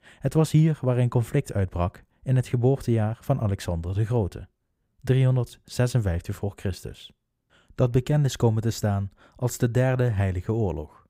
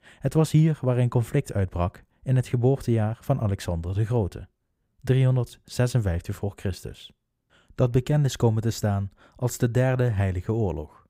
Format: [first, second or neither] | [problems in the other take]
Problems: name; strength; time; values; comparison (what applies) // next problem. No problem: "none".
neither | none